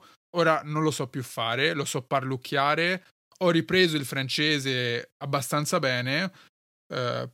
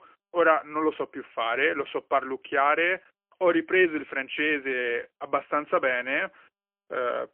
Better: first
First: none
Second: phone-call audio; poor line; nothing above 3 kHz

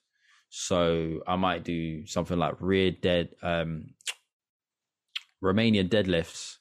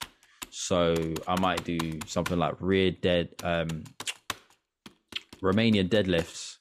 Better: first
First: none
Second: keyboard typing; noticeable; peak 9 dB below the speech

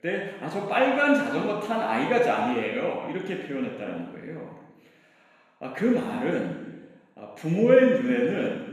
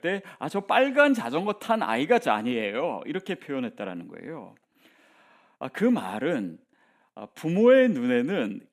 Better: second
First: room echo; noticeable; dies away in 1.1 s // off-mic speech; far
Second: none

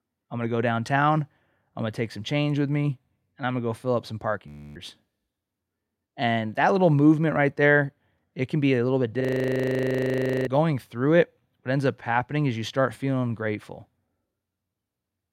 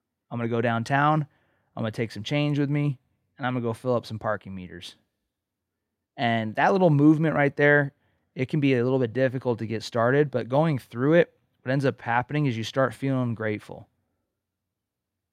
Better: second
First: audio freezing; at 4.5 s and at 9 s for 1.5 s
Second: none

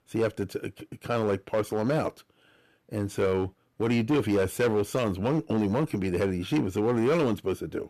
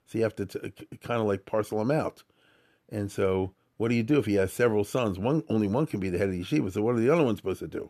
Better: second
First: distortion; slight; 7% of the sound clipped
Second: none

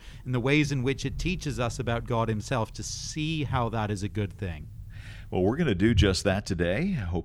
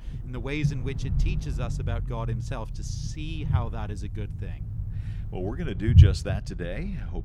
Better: first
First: low rumble; faint; throughout; 25 dB below the speech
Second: low rumble; loud; throughout; 4 dB below the speech

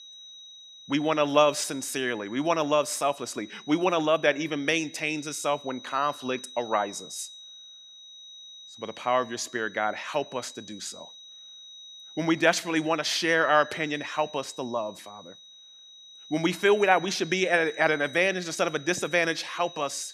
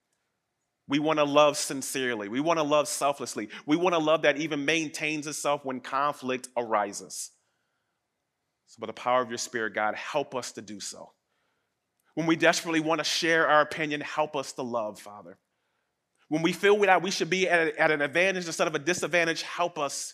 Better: second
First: high-pitched whine; noticeable; throughout; 4 kHz, 20 dB below the speech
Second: none

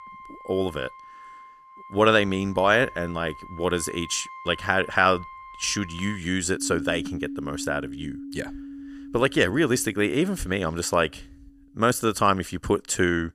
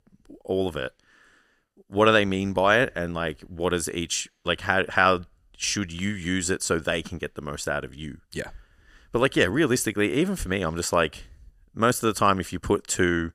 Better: second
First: background music; noticeable; throughout; 15 dB below the speech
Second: none

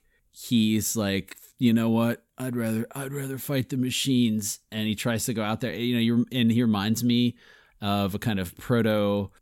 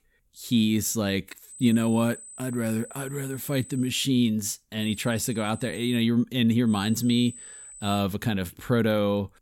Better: first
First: none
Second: high-pitched whine; noticeable; from 1.5 to 4 s, from 5 to 6 s and from 6.5 to 8 s; 8 kHz, 15 dB below the speech

